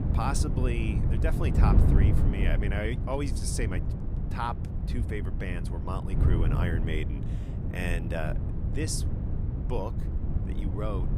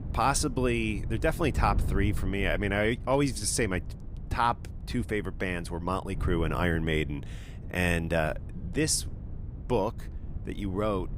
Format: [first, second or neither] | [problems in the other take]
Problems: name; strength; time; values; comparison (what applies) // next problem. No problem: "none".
second | wind noise on the microphone; heavy; 5 dB below the speech; occasional gusts in the second